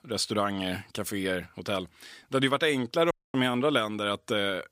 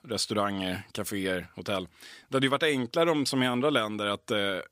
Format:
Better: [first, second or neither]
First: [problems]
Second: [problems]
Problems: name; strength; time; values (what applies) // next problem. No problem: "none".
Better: second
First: audio cutting out; at 3 s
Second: none